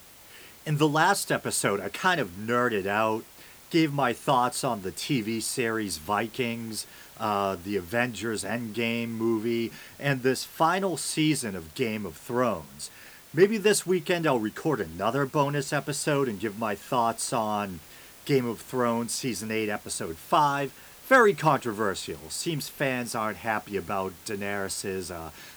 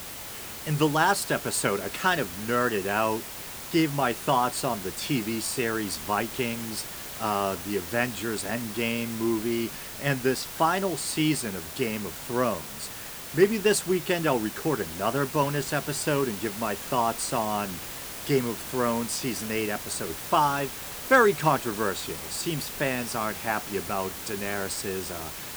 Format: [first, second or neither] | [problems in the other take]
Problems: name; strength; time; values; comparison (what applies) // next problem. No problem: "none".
first | hiss; loud; throughout; 8 dB below the speech; faint in the first